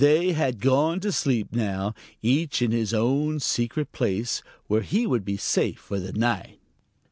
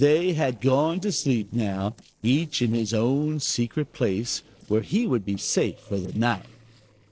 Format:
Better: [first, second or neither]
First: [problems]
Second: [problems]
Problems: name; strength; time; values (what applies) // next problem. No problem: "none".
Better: first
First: none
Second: noise reduction (neural separator model SepFormer DNS4)